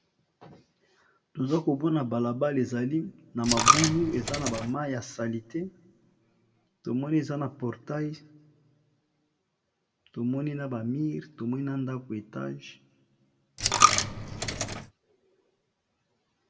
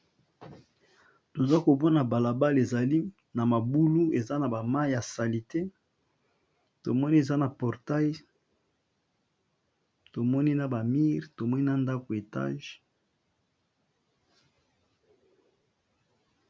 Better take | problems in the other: second | background sound (Coin (dropping)); 3 dB above the speech // room echo; dies away in 1.1 s

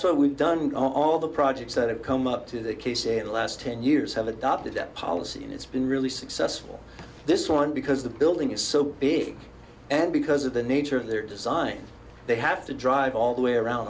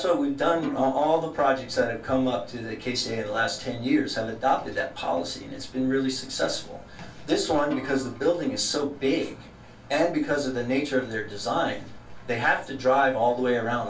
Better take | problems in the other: first | background sound (Snare drum); 13 dB below the speech // room echo; dies away in 0.2 s

